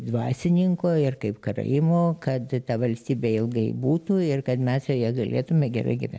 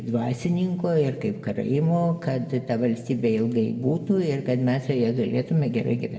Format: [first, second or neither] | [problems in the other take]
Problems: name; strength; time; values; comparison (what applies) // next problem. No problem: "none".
first | room echo; dies away in 1.3 s